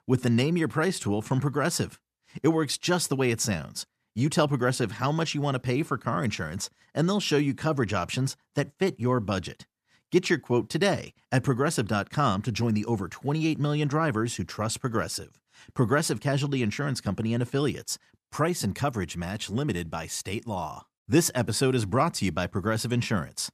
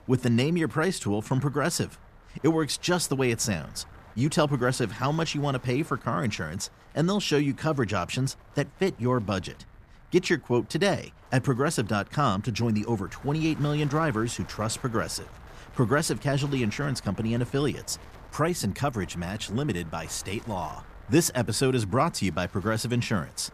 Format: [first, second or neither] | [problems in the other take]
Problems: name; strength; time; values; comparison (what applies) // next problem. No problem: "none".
first | wind noise on the microphone; occasional gusts; 20 dB below the speech